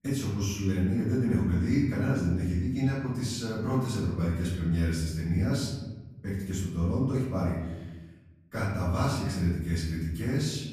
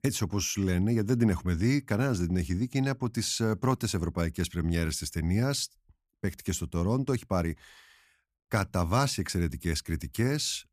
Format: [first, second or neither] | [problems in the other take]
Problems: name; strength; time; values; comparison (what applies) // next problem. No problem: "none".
second | room echo; noticeable; dies away in 1.2 s // off-mic speech; far